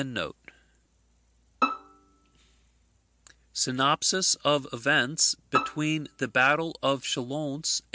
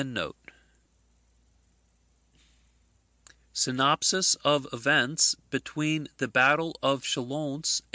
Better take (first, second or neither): second